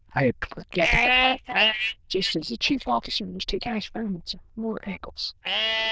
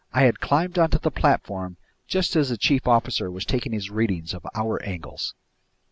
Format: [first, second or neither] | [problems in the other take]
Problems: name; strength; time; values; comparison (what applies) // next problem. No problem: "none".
second | noise reduction (neural diffusion model UNIVERSE++)